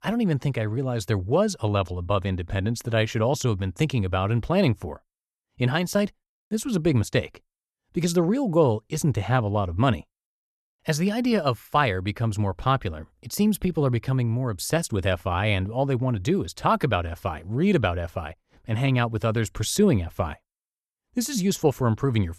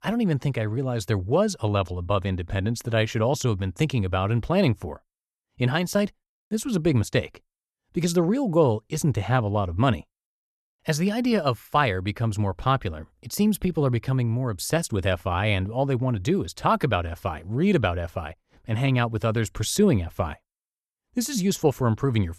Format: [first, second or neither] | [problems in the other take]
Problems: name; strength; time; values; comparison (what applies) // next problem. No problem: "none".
neither | none